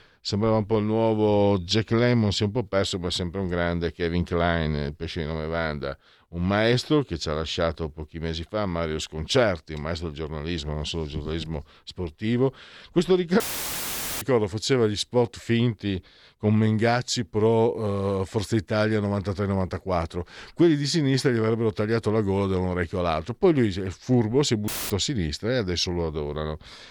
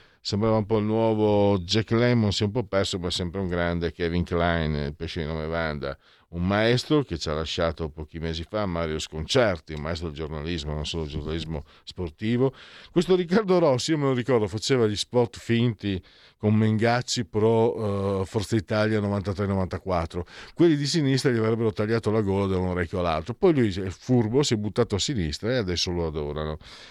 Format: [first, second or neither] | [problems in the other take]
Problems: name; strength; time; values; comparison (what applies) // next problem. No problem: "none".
second | audio cutting out; filled with static; at 13 s for 1 s and at 25 s